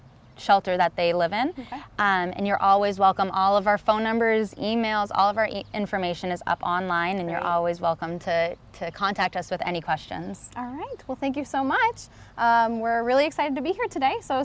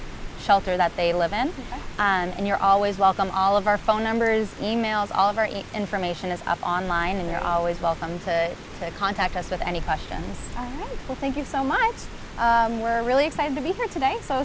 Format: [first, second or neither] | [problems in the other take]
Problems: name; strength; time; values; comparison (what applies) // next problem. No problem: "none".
first | background sound (Rain); 11 dB below the speech